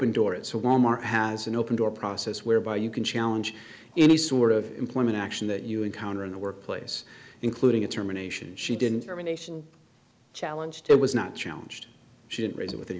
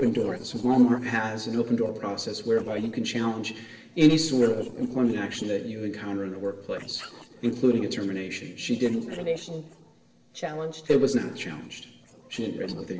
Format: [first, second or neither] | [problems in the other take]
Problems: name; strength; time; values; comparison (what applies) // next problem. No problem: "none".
first | noise reduction (neural separator model SepFormer DNS4)